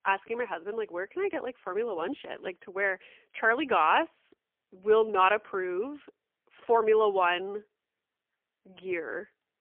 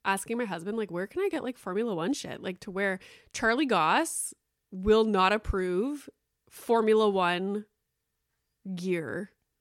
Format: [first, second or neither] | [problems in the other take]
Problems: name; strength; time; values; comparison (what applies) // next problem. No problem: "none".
second | phone-call audio; poor line